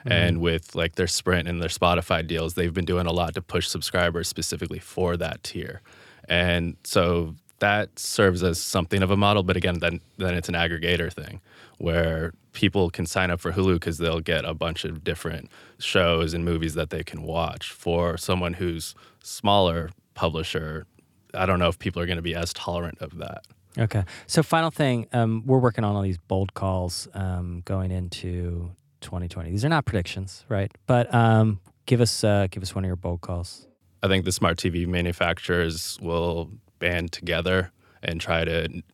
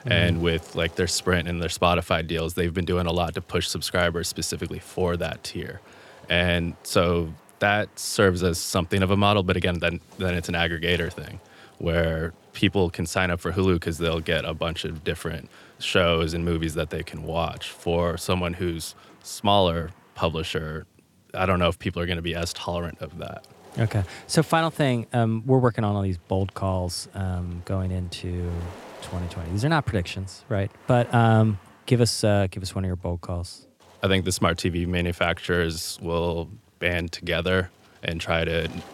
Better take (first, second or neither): first